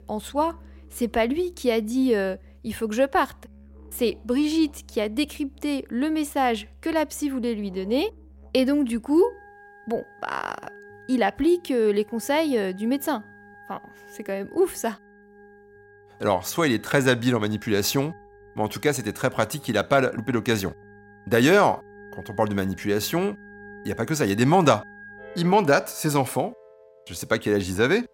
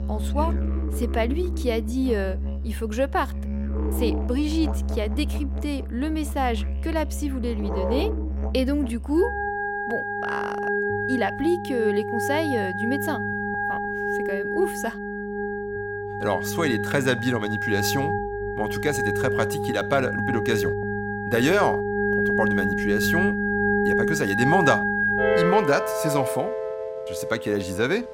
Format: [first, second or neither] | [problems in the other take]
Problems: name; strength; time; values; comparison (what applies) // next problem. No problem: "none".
first | background music; loud; throughout; as loud as the speech; faint in the first